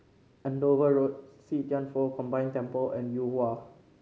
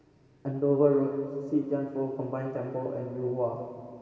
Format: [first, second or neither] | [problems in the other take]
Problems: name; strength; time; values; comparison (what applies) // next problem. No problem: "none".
first | room echo; dies away in 2.4 s